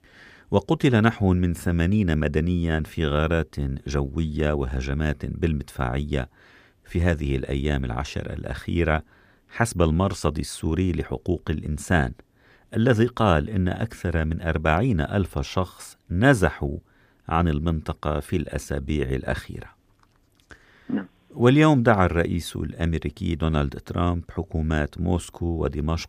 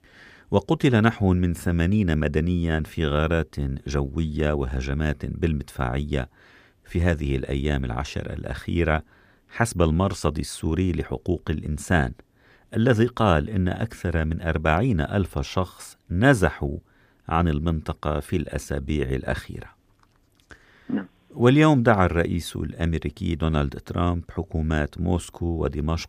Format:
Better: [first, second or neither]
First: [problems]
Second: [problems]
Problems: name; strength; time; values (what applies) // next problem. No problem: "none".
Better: neither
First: none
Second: none